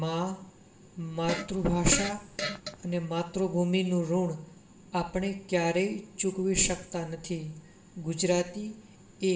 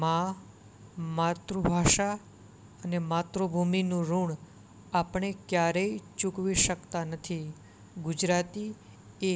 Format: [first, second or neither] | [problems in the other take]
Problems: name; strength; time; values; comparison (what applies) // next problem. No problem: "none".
second | background sound (Fart); 6 dB below the speech // room echo; dies away in 0.5 s